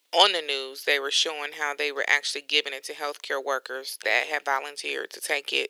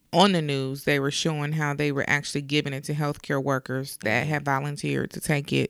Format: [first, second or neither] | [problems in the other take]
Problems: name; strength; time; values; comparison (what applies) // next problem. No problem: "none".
second | thin; very; fading below 400 Hz